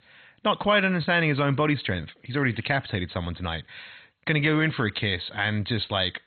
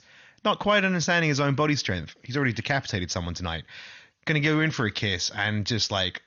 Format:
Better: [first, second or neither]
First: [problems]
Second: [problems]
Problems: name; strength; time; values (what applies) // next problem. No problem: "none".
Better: second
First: garbled, watery; badly; nothing above 4 kHz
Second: garbled, watery; slightly; nothing above 6.5 kHz